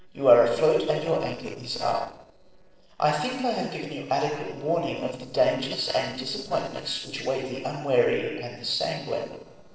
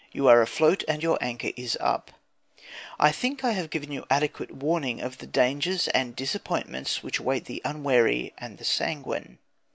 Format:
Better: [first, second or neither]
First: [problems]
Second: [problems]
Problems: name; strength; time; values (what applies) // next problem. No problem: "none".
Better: second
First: noise reduction (neural separator model SepFormer DNS4)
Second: none